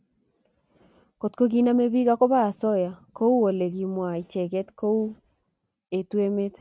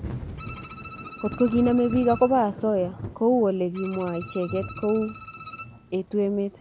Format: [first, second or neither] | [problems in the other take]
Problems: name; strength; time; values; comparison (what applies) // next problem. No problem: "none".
first | background sound (Bowed string instrument + Thunder / Rain); 12 dB below the speech